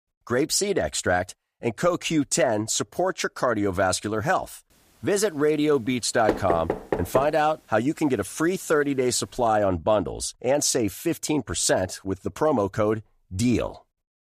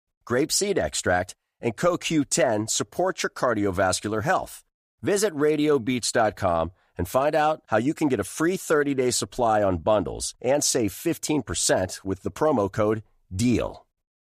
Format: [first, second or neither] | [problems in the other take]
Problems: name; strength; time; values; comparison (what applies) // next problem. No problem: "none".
second | door banging; noticeable; at 6.5 s; peak 3 dB below the speech